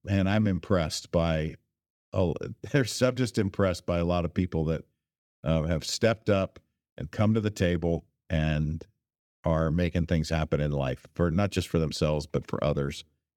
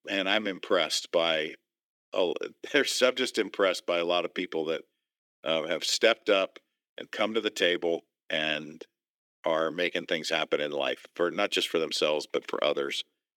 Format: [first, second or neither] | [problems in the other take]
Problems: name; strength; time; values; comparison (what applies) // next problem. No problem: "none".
first | thin; very; fading below 350 Hz